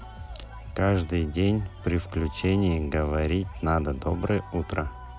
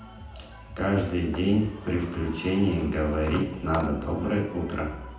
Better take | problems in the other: first | background sound (Sliding door); 16 dB below the speech // room echo; dies away in 0.9 s

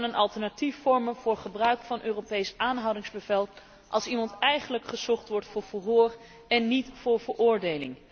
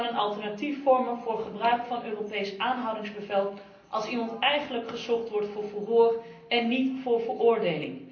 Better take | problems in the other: first | room echo; dies away in 0.6 s

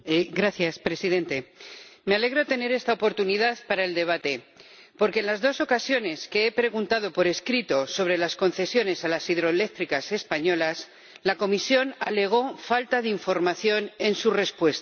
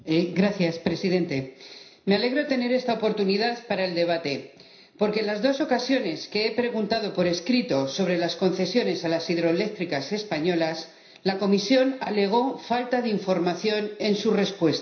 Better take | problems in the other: first | room echo; dies away in 0.5 s

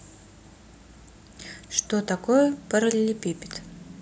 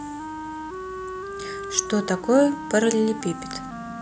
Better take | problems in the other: first | background sound (Wind instrument, woodwind instrument); 9 dB below the speech

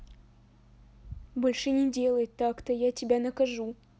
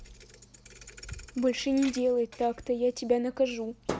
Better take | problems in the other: first | background sound (Thump, thud); 14 dB below the speech

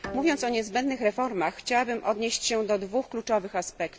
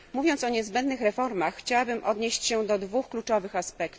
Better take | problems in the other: second | background sound (Bowed string instrument); 19 dB below the speech

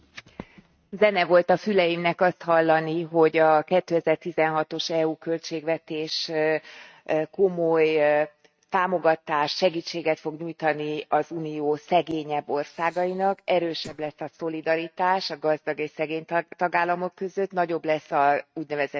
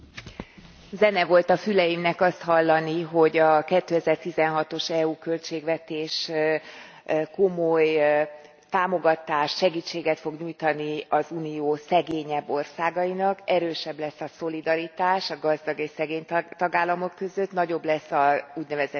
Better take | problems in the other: second | noise reduction (neural mask model RNNoise)

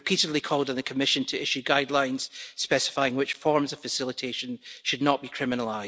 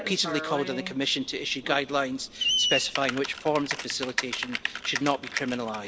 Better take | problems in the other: first | background sound (Screech + Typing); 4 dB below the speech

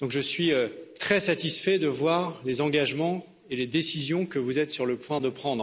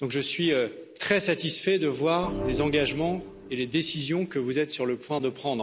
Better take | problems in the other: first | background sound (Organ); 8 dB below the speech

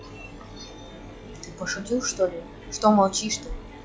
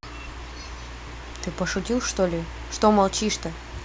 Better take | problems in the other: second | noise reduction (classical method log-MMSE)

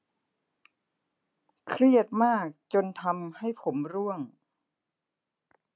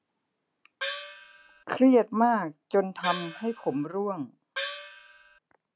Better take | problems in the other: first | background sound (Gong); 9 dB below the speech

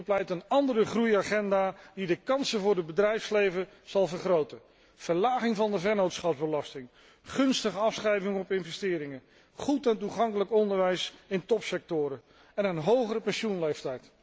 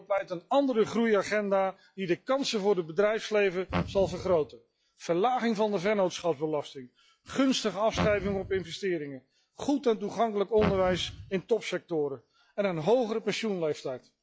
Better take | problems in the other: first | noise reduction (classical method log-MMSE)

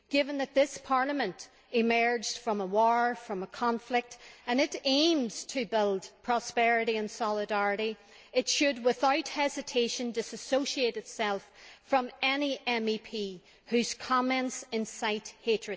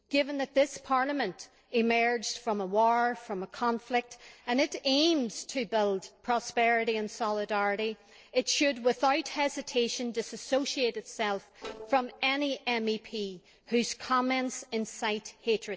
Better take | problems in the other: first | noise reduction (neural separator model SepFormer DNS4)

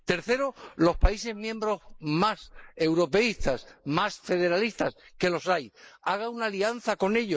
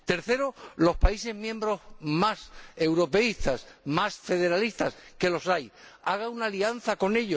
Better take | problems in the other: second | noise reduction (neural mask model Resemble Enhance denoiser)

